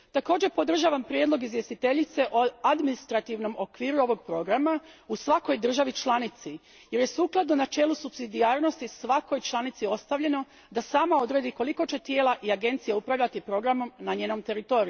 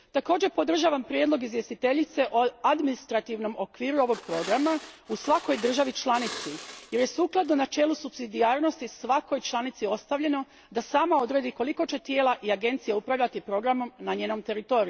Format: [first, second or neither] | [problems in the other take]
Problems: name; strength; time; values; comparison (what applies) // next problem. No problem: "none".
first | background sound (Glass); 15 dB below the speech